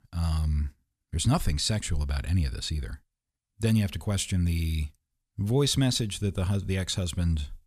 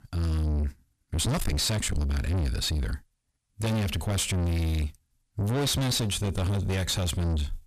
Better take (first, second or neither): first